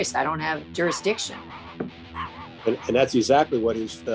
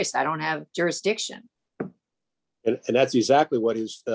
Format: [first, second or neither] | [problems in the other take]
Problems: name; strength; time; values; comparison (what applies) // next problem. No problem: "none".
second | background sound (Electric guitar + Dog); 14 dB below the speech